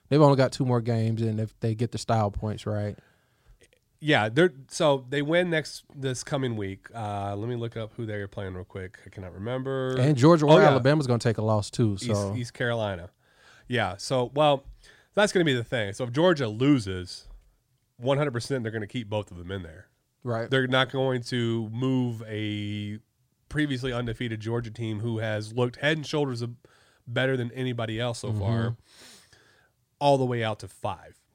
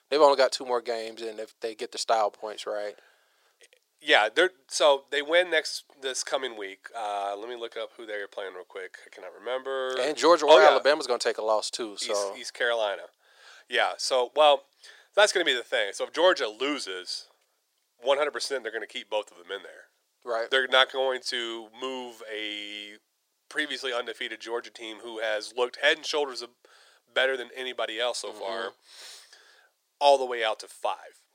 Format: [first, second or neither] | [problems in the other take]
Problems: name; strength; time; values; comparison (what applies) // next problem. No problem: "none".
first | thin; very; fading below 450 Hz